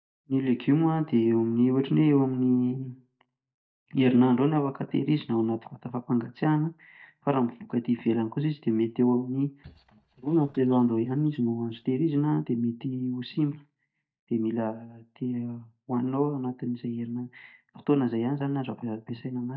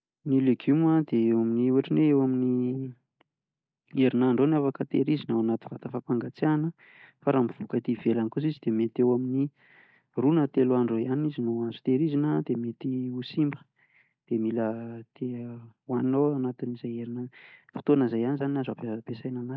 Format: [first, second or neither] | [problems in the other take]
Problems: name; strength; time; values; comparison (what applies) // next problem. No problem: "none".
second | noise reduction (neural mask model DeepFilterNet 3)